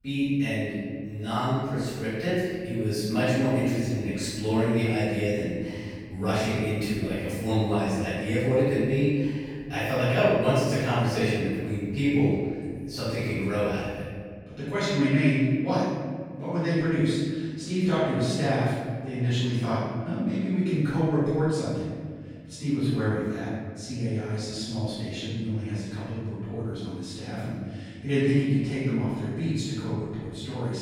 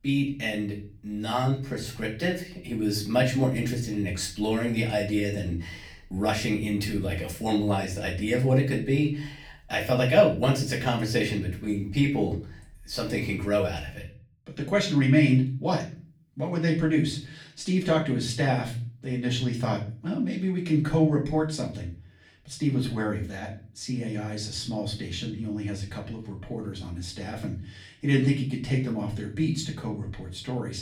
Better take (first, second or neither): second